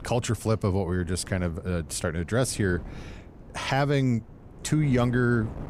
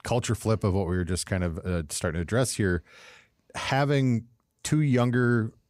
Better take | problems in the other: second | wind noise on the microphone; occasional gusts; 20 dB below the speech

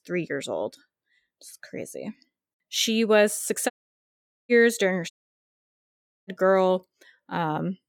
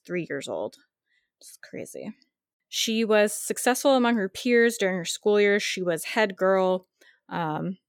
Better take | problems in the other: second | audio cutting out; at 3.5 s for 1 s and at 5 s for 1 s

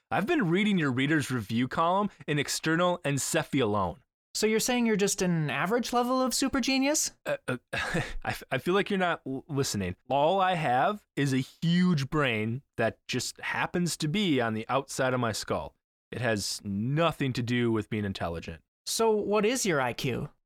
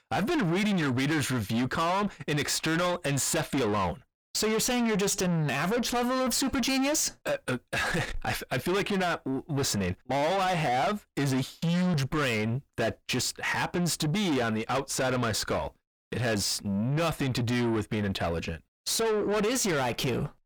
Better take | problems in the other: first | distortion; heavy; 8 dB below the speech

